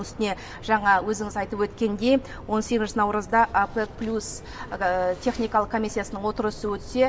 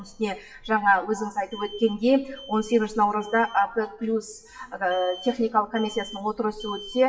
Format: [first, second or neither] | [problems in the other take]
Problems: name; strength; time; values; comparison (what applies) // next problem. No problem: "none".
first | noise reduction (classical method WPE with log-MMSE)